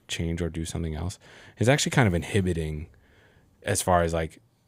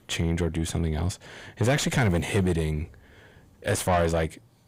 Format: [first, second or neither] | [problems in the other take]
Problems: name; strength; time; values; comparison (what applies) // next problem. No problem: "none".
first | distortion; heavy; 7 dB below the speech